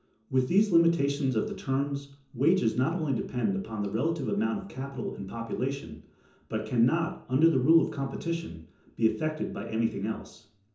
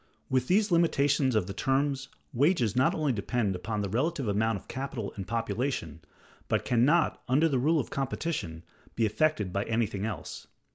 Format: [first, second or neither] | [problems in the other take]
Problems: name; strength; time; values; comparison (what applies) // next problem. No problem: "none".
second | room echo; dies away in 0.6 s